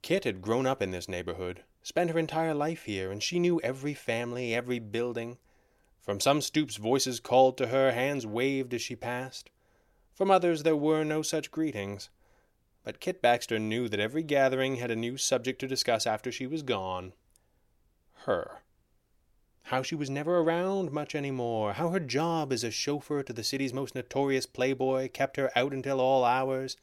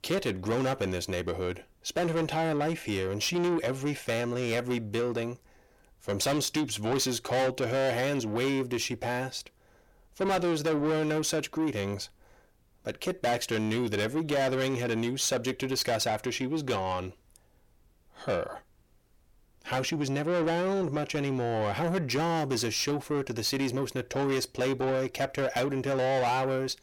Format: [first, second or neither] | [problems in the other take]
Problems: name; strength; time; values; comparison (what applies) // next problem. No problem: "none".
first | distortion; heavy; 7 dB below the speech